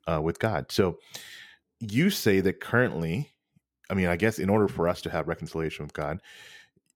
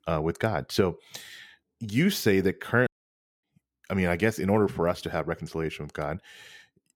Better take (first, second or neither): first